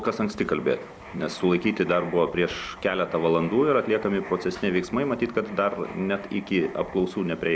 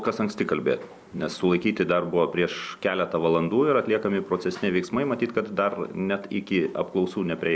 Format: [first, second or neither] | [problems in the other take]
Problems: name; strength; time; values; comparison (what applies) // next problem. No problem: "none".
second | background sound (Writing); 18 dB below the speech